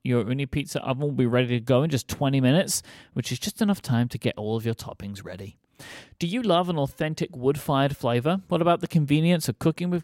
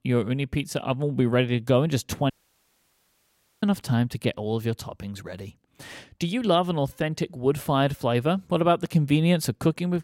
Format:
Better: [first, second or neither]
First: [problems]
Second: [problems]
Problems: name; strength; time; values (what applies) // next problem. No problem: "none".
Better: first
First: none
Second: audio cutting out; at 2.5 s for 1.5 s